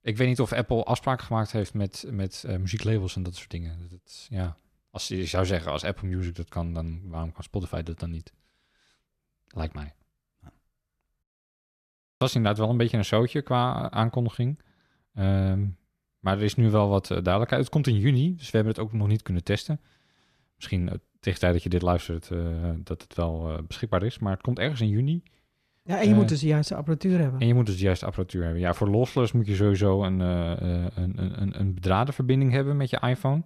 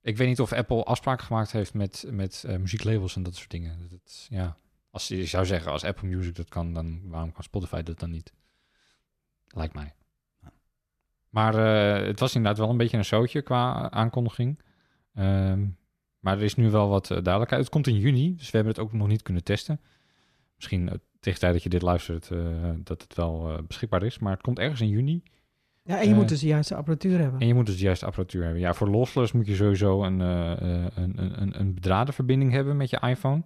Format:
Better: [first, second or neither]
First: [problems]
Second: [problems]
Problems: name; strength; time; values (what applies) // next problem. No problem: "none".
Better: second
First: audio cutting out; at 11 s for 1 s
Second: none